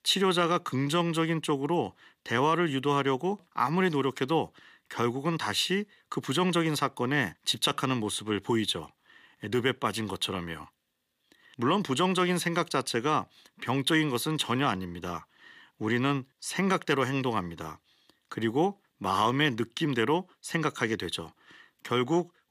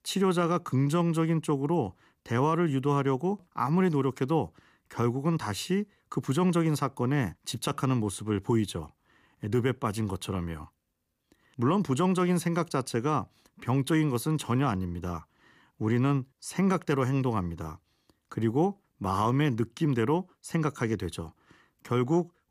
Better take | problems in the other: second | thin; very slightly; fading below 300 Hz

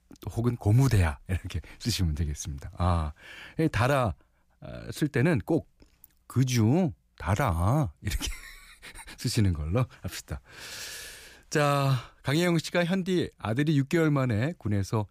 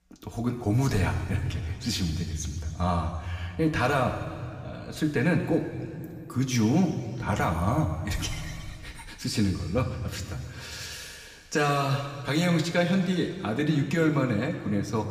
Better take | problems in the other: first | room echo; slight; dies away in 2.3 s // off-mic speech; somewhat distant

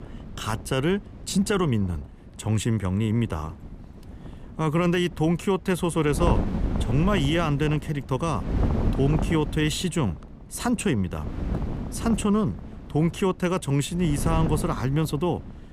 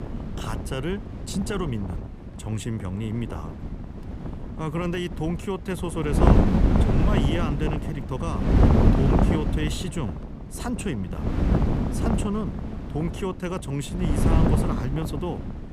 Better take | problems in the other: first | wind noise on the microphone; heavy; 2 dB above the speech; occasional gusts in the first

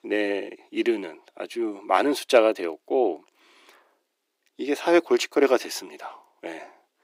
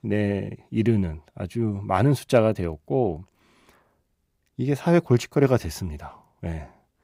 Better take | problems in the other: second | thin; somewhat; fading below 300 Hz

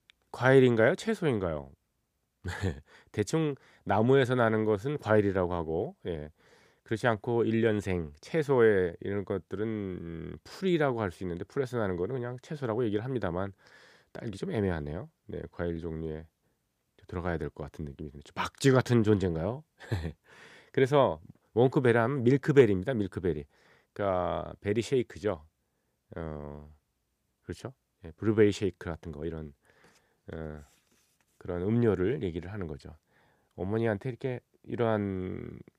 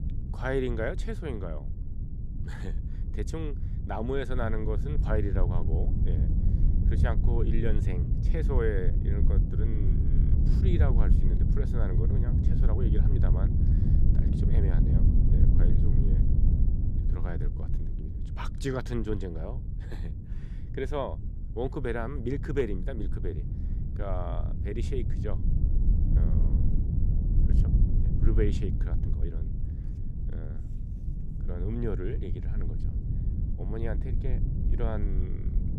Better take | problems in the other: first | low rumble; loud; throughout; 6 dB below the speech

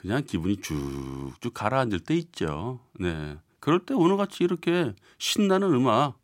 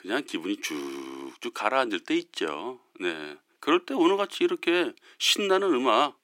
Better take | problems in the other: first | thin; somewhat; fading below 300 Hz

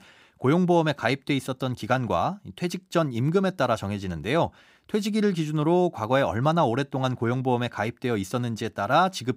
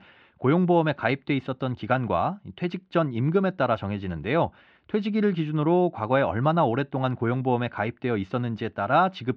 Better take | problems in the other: first | muffled; slightly; fading above 3 kHz

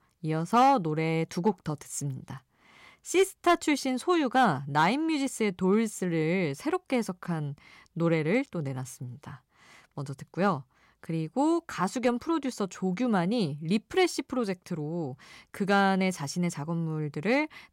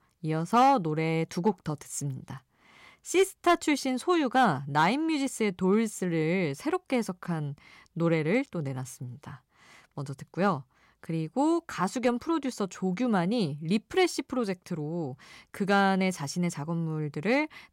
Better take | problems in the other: neither | none

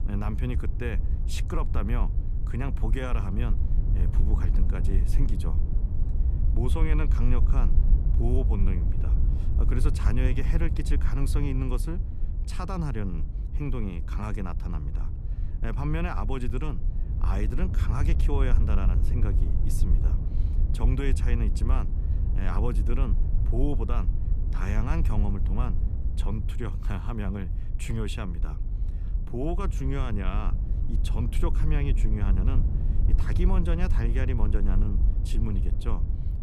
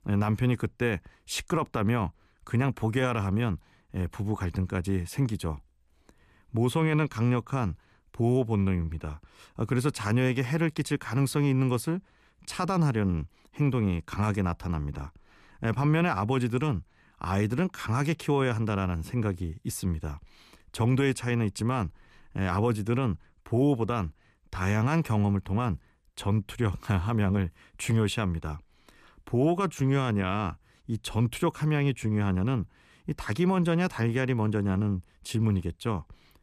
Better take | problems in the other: second | wind noise on the microphone; heavy; 8 dB below the speech

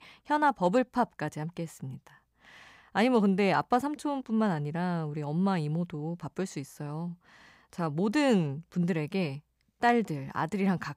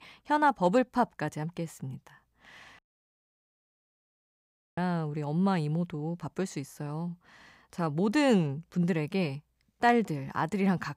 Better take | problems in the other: first | audio cutting out; at 3 s for 2 s

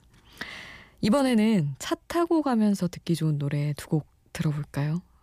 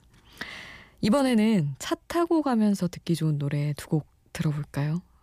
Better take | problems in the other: neither | none

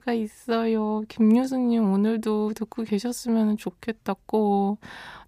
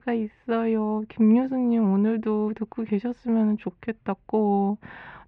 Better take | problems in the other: first | muffled; very; fading above 2.5 kHz

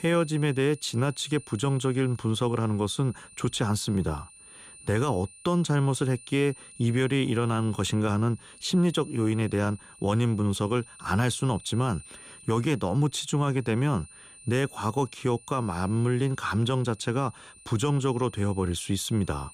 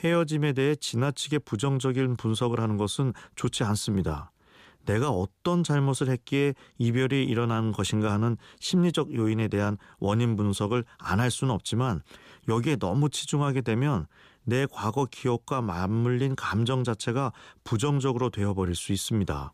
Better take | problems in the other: second | high-pitched whine; faint; throughout; 9 kHz, 20 dB below the speech

